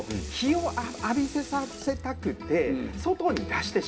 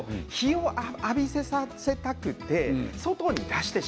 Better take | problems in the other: second | background sound (Sink (filling or washing) / Water tap, faucet); 19 dB below the speech // room echo; dies away in 0.3 s

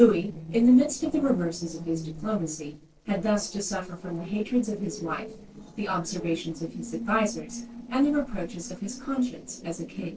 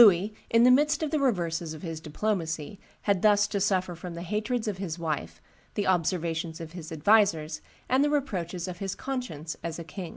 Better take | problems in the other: second | noise reduction (neural separator model SepFormer DNS4)

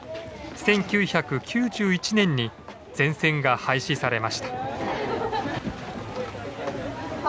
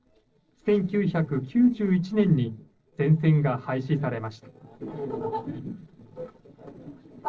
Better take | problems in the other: first | noise reduction (neural separator model SepFormer DNS4)

